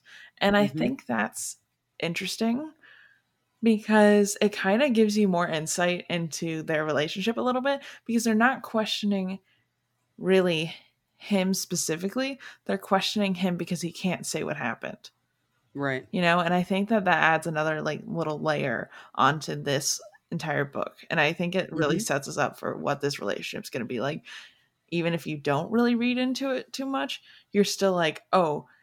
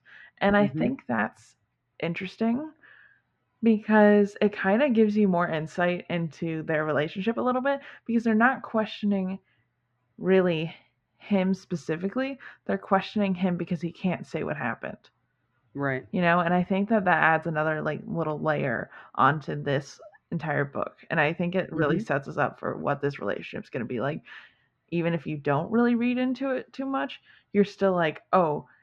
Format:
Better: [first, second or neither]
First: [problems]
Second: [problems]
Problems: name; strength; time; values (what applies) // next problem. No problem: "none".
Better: first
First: none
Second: muffled; very; fading above 2 kHz